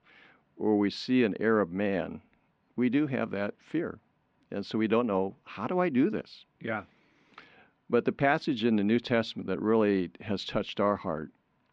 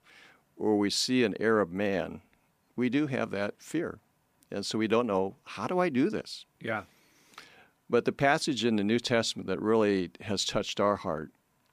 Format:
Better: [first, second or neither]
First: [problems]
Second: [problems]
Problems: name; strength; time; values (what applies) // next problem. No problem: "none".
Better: second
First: muffled; slightly; fading above 3.5 kHz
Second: none